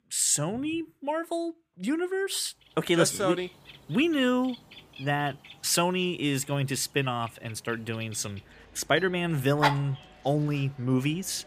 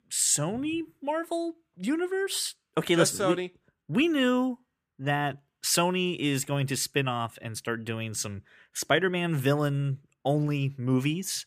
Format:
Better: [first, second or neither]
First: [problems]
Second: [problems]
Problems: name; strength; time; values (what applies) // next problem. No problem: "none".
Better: second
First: animal sounds; noticeable; from 3 s on; 10 dB below the speech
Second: none